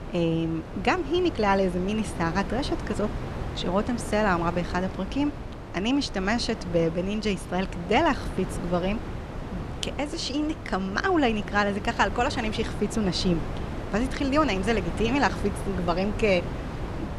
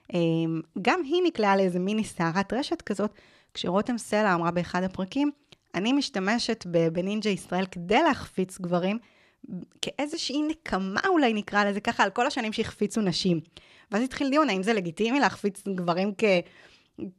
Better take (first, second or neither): second